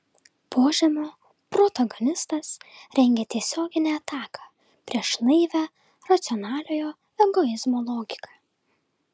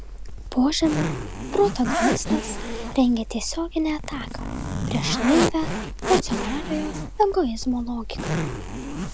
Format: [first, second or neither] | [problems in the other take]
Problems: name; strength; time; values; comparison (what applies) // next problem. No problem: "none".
first | background sound (Zipper (clothing)); 3 dB below the speech